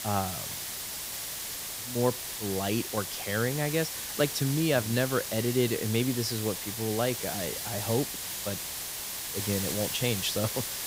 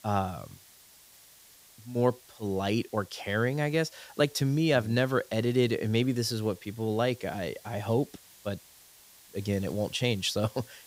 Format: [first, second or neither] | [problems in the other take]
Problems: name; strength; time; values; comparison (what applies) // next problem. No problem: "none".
second | hiss; loud; throughout; 3 dB below the speech; faint in the second